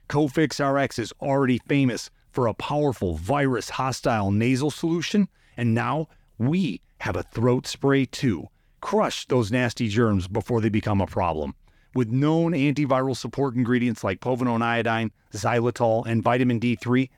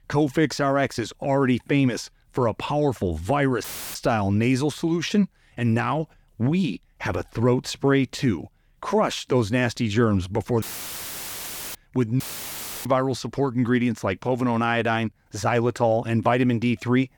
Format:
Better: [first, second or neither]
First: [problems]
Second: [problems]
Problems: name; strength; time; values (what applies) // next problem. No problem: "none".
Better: first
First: none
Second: audio cutting out; filled with static; at 3.5 s, at 11 s for 1 s and at 12 s for 0.5 s